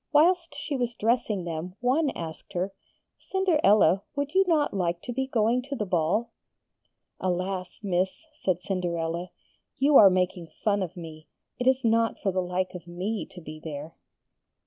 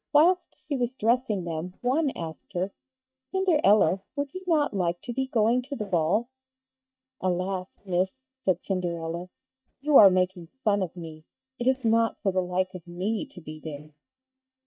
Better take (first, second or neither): first